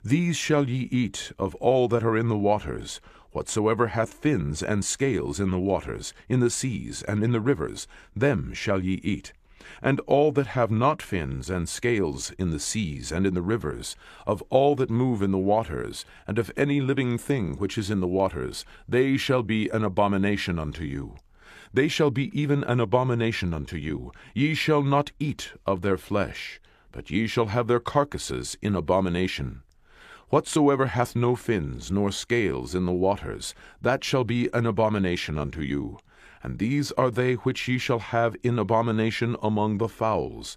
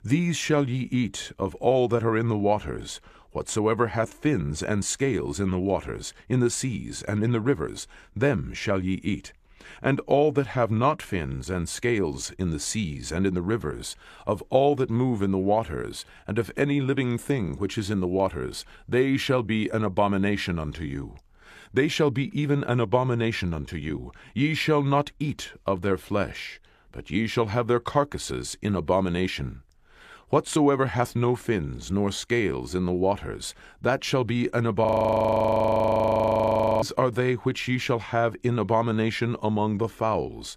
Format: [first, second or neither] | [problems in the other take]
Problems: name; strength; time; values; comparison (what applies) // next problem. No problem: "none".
first | audio freezing; at 35 s for 2 s